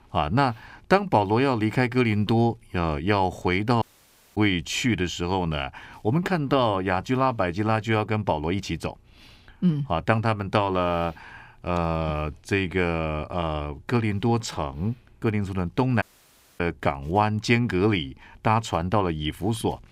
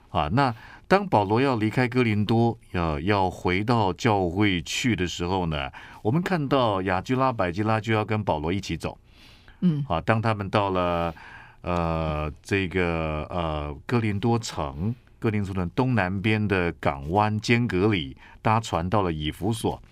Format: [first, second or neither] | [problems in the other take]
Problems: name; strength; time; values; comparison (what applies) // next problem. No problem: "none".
second | audio cutting out; at 4 s for 0.5 s and at 16 s for 0.5 s